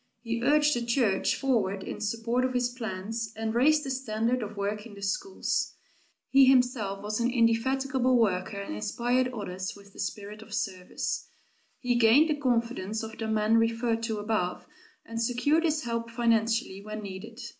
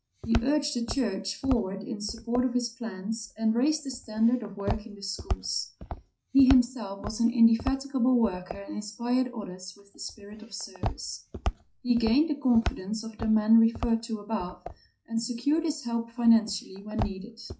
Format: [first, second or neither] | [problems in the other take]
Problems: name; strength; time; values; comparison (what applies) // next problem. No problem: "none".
first | noise reduction (classical method WPE with log-MMSE)